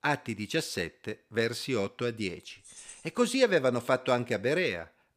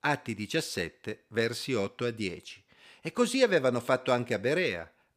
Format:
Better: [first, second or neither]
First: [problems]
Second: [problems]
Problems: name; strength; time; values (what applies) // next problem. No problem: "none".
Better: second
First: jangling keys; faint; at 2.5 s; peak 15 dB below the speech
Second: none